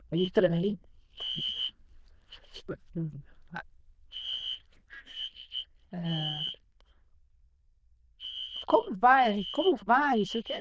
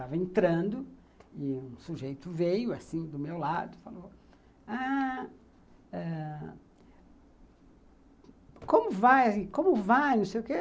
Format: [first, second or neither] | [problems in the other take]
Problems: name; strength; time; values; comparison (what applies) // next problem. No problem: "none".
second | noise reduction (neural diffusion model UNIVERSE++)